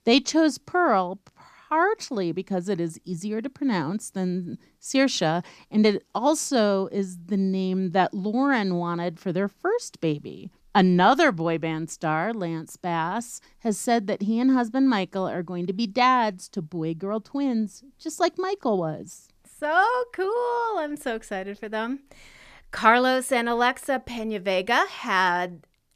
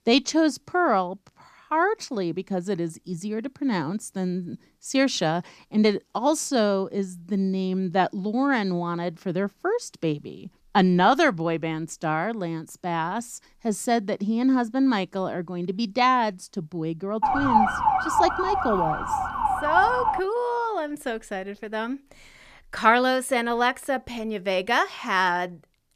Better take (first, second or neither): first